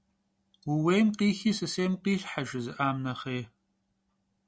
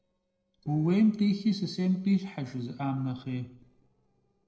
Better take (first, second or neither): first